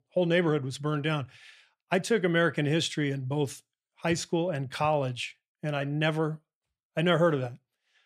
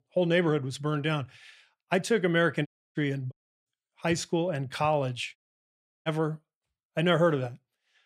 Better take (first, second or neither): first